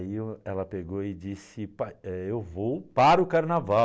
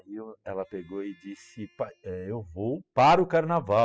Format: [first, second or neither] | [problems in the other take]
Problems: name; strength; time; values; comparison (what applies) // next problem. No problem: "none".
first | noise reduction (classical method spectral subtraction)